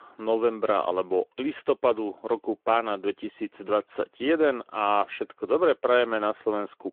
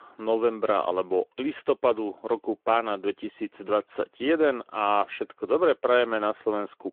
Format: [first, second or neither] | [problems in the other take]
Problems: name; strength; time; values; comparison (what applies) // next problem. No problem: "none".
neither | phone-call audio; the same in both